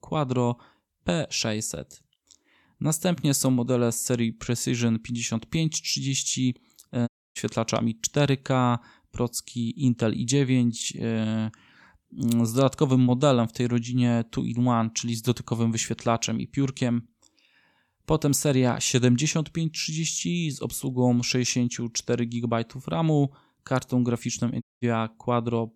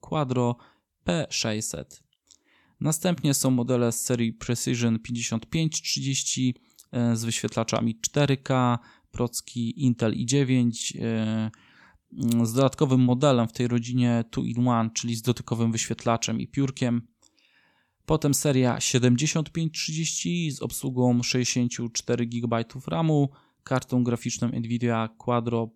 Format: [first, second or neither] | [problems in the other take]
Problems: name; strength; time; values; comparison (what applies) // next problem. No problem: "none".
second | audio cutting out; at 7 s and at 25 s